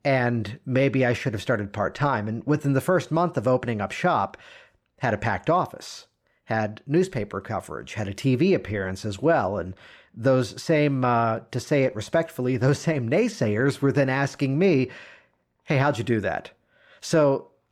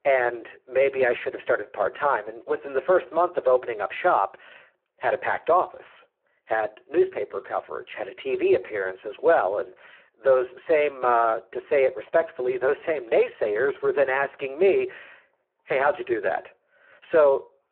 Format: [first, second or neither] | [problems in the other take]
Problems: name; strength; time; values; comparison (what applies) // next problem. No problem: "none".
first | phone-call audio; poor line